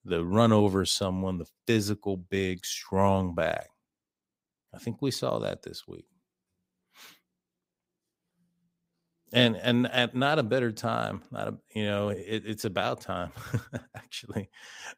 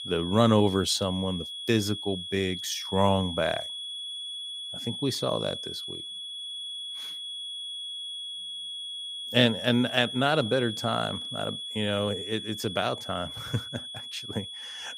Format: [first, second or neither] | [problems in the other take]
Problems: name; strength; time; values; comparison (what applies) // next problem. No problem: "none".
first | high-pitched whine; loud; throughout; 3.5 kHz, 7 dB below the speech